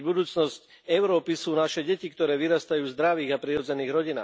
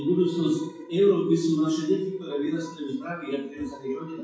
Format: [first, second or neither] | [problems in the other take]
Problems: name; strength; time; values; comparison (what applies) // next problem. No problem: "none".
first | noise reduction (classical method WPE with log-MMSE)